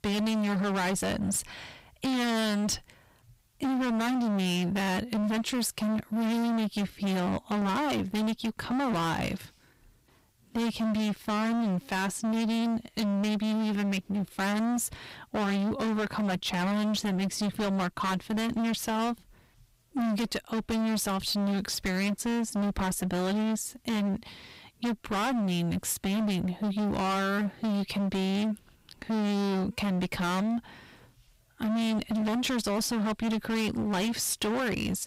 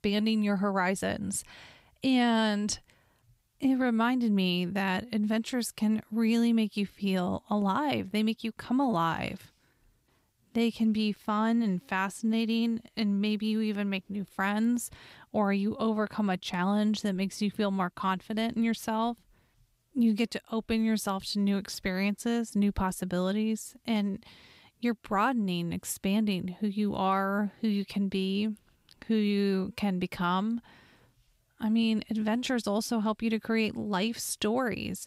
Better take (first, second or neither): second